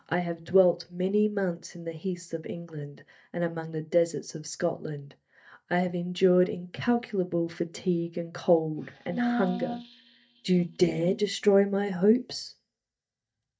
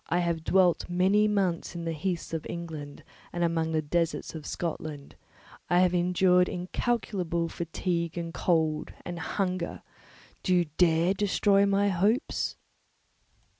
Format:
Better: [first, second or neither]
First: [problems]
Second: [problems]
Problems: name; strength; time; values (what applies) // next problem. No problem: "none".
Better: second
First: noise reduction (neural mask model DeepFilterNet 3)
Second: none